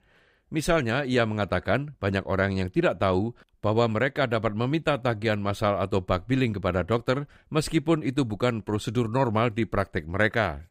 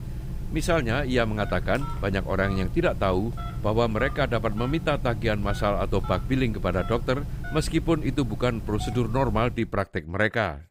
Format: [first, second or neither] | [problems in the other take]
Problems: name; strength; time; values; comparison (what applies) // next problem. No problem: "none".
first | phone ringing; noticeable; until 9.5 s; peak 7 dB below the speech